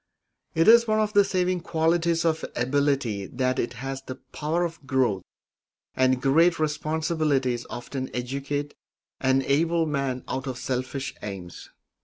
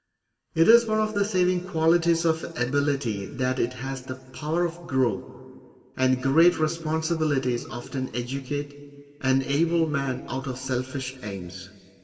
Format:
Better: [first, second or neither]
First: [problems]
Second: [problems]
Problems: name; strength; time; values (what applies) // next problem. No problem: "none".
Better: first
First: none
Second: room echo; dies away in 1.8 s